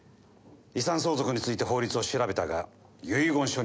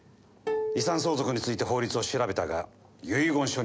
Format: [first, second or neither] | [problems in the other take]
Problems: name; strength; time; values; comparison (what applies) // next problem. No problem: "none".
first | background sound (Plucked string instrument); 7 dB below the speech